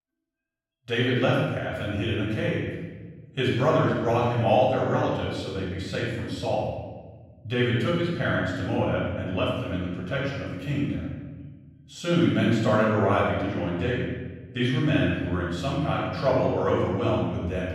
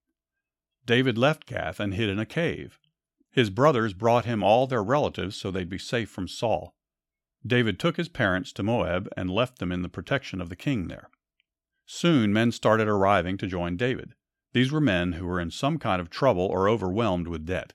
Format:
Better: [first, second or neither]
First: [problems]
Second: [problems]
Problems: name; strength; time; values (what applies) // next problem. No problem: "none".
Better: second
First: off-mic speech; far // room echo; strong; dies away in 1.3 s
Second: none